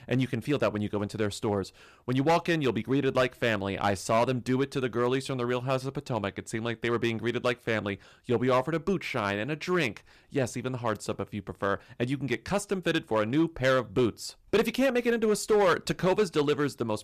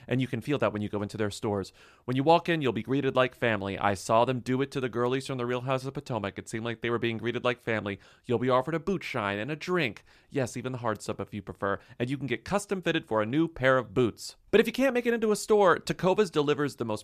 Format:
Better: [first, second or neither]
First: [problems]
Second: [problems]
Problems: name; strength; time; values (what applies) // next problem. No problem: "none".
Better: second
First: distortion; slight; 4% of the sound clipped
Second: none